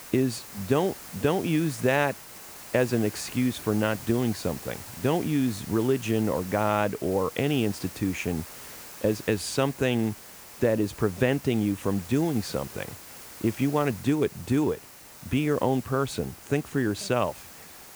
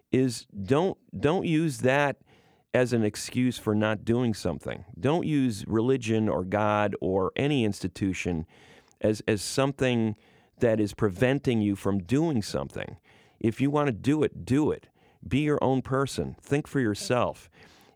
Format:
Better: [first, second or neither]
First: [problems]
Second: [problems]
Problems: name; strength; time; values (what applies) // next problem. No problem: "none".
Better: second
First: hiss; noticeable; throughout; 15 dB below the speech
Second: none